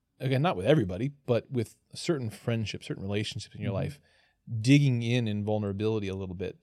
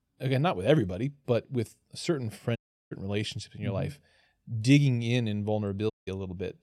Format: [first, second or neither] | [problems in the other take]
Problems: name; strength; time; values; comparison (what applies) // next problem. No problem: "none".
first | audio cutting out; at 2.5 s and at 6 s